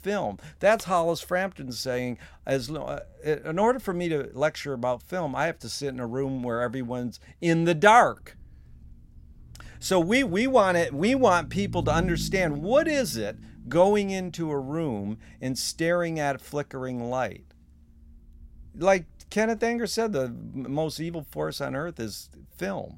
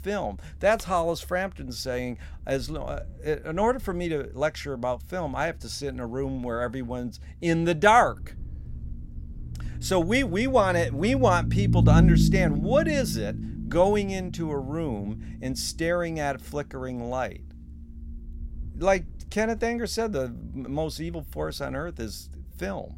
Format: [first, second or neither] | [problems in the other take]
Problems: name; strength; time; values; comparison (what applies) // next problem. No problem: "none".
first | low rumble; loud; throughout; 10 dB below the speech; faint in the first